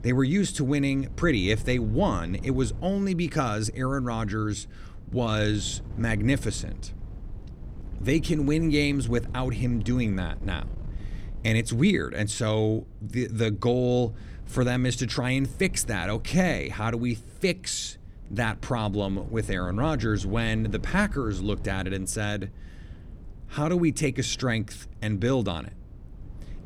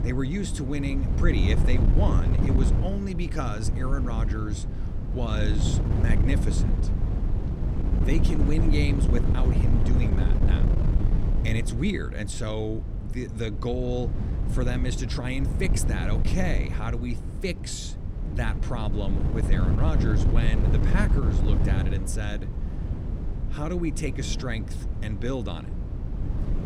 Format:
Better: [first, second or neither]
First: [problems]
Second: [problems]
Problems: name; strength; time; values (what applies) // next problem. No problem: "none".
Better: first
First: wind noise on the microphone; occasional gusts; 25 dB below the speech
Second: wind noise on the microphone; heavy; 4 dB below the speech